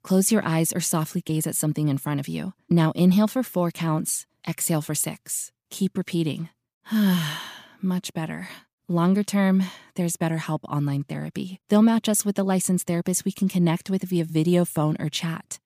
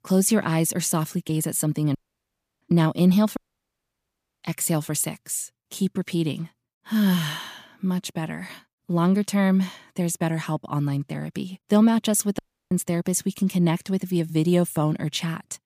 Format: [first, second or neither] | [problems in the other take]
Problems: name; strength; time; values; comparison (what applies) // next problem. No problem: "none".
first | audio cutting out; at 2 s for 0.5 s, at 3.5 s for 1 s and at 12 s